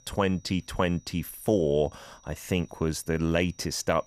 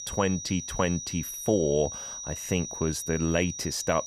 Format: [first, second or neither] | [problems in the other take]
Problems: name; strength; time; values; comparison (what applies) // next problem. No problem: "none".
first | high-pitched whine; loud; throughout; 6 kHz, 7 dB below the speech; faint in the first